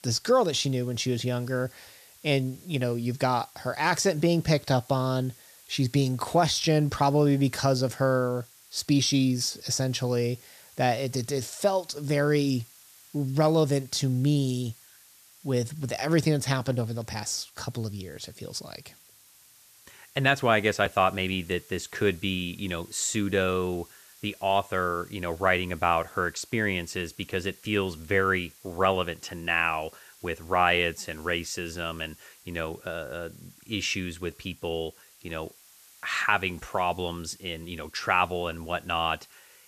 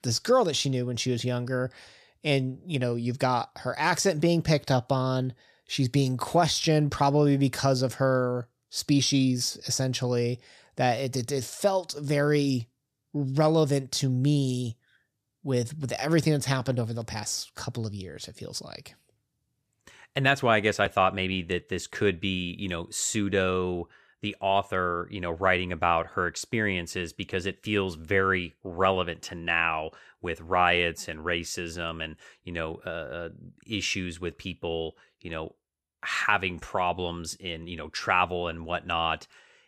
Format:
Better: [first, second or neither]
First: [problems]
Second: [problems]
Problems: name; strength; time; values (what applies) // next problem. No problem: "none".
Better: second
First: hiss; faint; throughout; 25 dB below the speech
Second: none